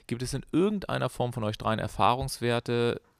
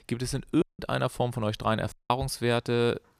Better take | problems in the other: first | audio cutting out; at 0.5 s and at 2 s

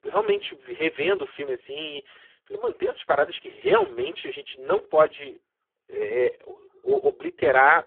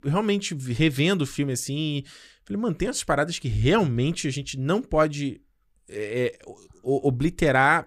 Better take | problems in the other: second | phone-call audio; poor line

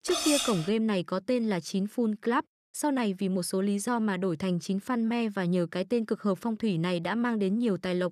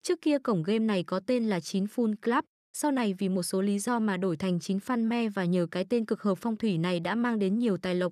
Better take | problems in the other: second | clattering dishes; loud; at the start; peak 2 dB above the speech

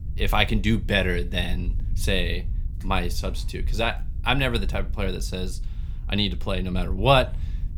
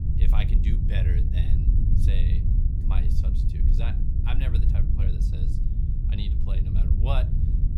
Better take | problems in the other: first | low rumble; loud; throughout; 1 dB below the speech; faint in the first

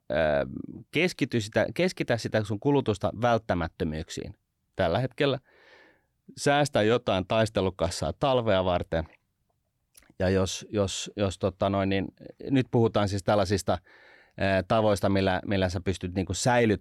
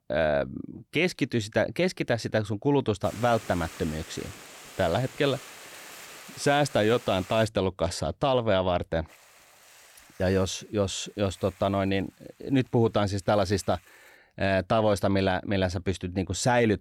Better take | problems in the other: first | hiss; noticeable; from 3 to 7.5 s and from 9 to 14 s; 20 dB below the speech

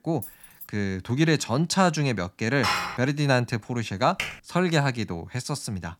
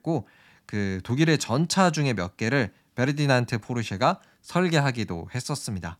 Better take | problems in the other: second | jangling keys; faint; at the start; peak 15 dB below the speech // clattering dishes; loud; at 2.5 s; peak level with the speech // keyboard typing; noticeable; at 4 s; peak 6 dB below the speech

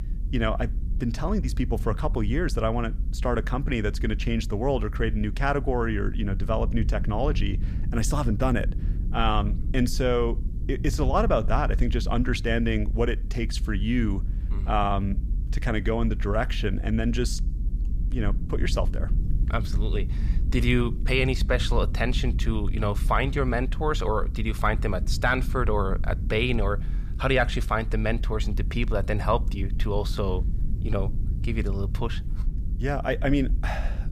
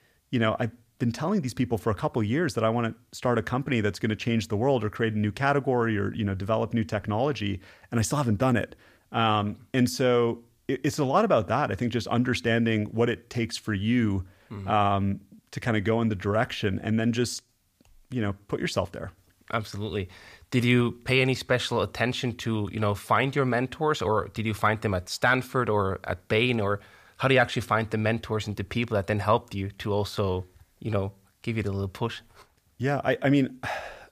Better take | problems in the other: second | low rumble; noticeable; throughout; 20 dB below the speech

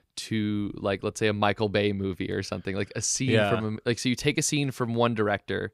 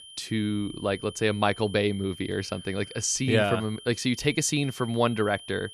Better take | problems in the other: first | high-pitched whine; noticeable; throughout; 3 kHz, 15 dB below the speech

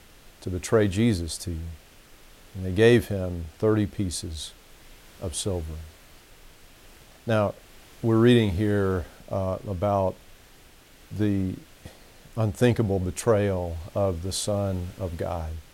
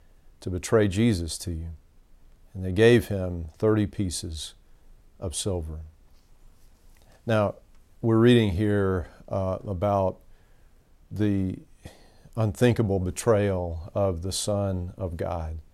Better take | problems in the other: second | hiss; faint; throughout; 25 dB below the speech

